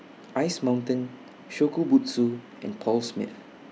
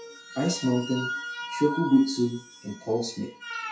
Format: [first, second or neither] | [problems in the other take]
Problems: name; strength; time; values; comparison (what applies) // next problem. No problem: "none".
first | noise reduction (classical method WPE with log-MMSE)